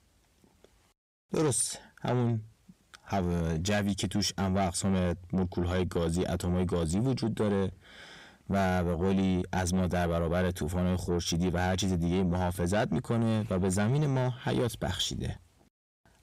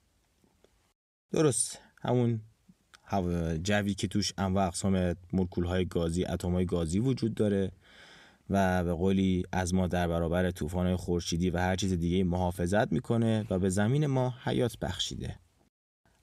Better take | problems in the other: second | distortion; slight; 10 dB below the speech

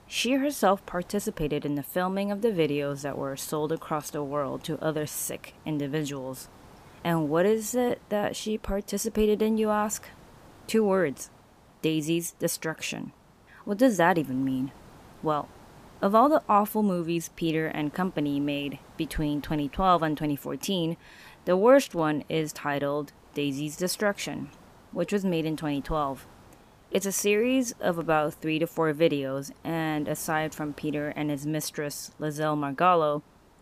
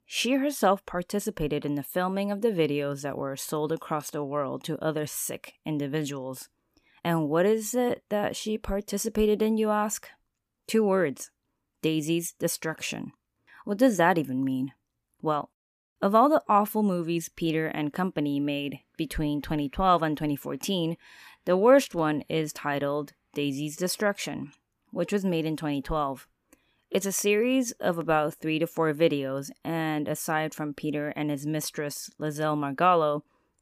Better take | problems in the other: second | hiss; faint; throughout; 25 dB below the speech

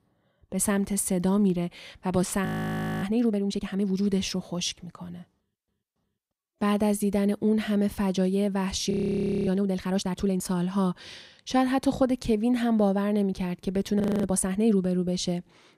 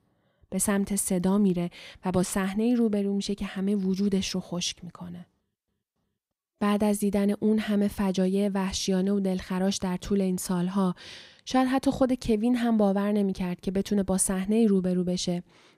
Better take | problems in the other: second | audio freezing; at 2.5 s for 0.5 s, at 9 s for 0.5 s and at 14 s

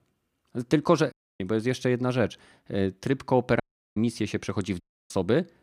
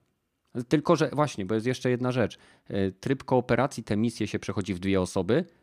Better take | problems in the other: second | audio cutting out; at 1 s, at 3.5 s and at 5 s

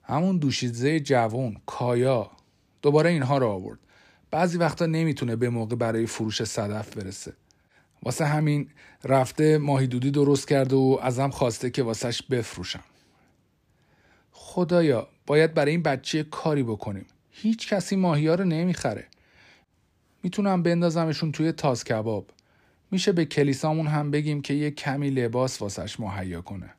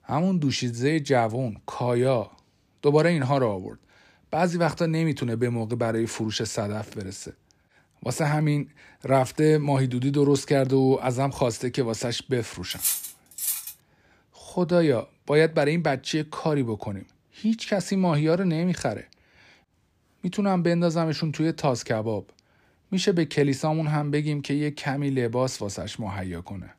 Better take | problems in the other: first | clattering dishes; loud; from 13 to 14 s; peak level with the speech

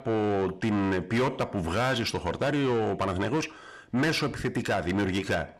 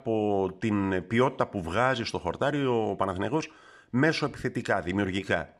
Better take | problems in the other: second | distortion; heavy; 8 dB below the speech

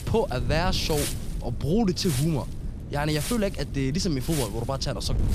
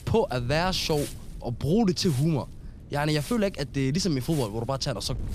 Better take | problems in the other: second | wind noise on the microphone; heavy; 10 dB below the speech; occasional gusts in the second

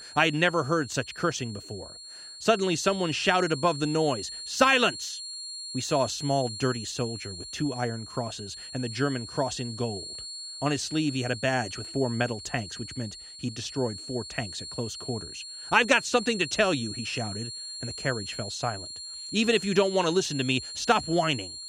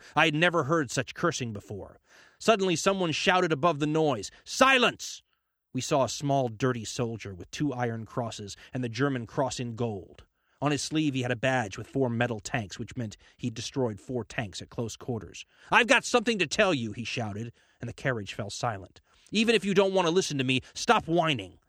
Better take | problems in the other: second | high-pitched whine; loud; throughout; 4.5 kHz, 10 dB below the speech

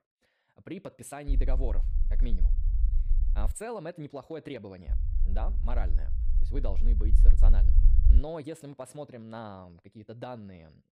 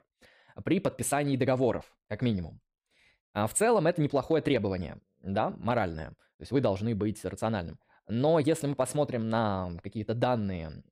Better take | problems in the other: second | low rumble; loud; from 1.5 to 3.5 s and from 5 to 8 s; 10 dB below the speech

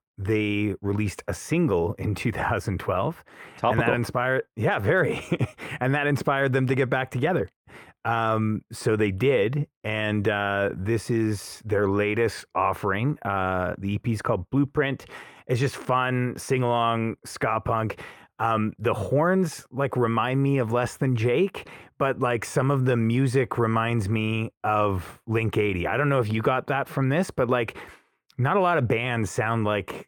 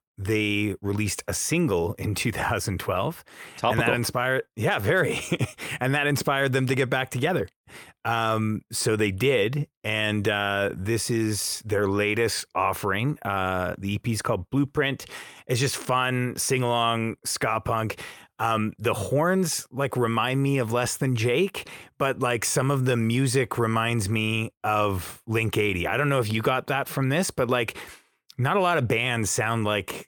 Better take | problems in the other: second | muffled; slightly; fading above 3 kHz

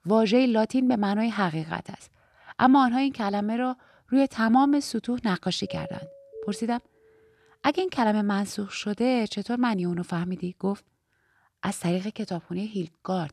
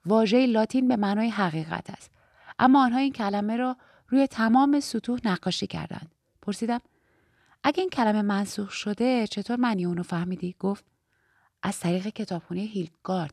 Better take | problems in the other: second | doorbell; faint; from 5.5 to 6.5 s; peak 15 dB below the speech

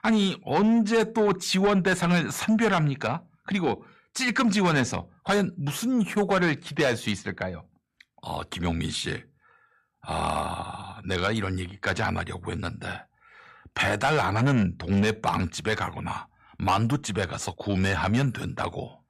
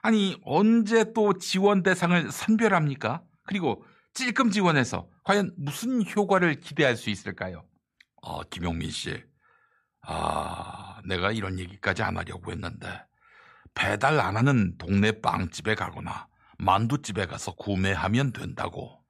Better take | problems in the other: second | distortion; slight; 10 dB below the speech

